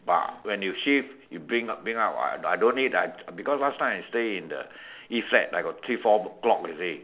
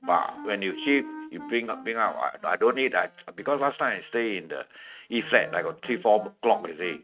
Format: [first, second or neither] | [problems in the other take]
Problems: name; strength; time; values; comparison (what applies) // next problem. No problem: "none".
first | noise reduction (neural mask model RNNoise)